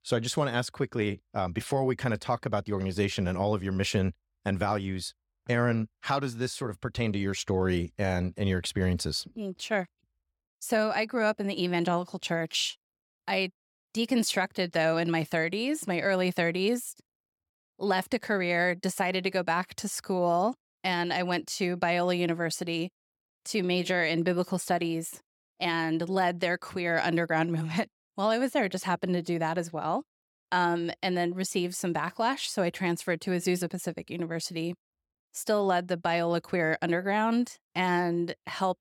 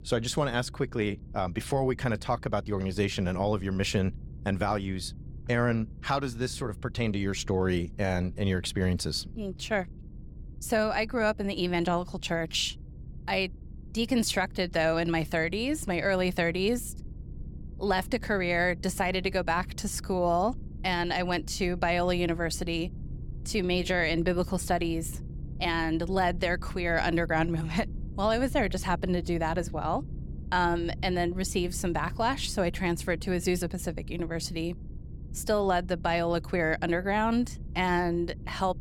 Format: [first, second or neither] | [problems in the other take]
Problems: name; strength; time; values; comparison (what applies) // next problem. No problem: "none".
first | low rumble; faint; throughout; 25 dB below the speech